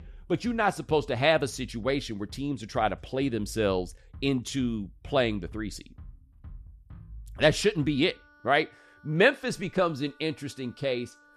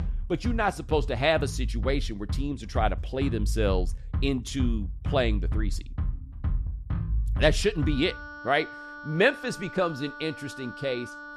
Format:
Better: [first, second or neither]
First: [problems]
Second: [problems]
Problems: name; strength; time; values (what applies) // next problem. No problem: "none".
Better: first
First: background music; faint; throughout; 20 dB below the speech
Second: background music; loud; throughout; 5 dB below the speech